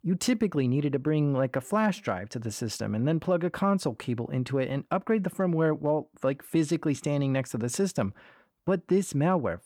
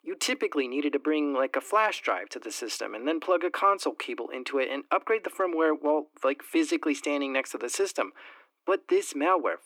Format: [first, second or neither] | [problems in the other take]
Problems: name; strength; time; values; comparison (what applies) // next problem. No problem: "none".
first | thin; somewhat; fading below 300 Hz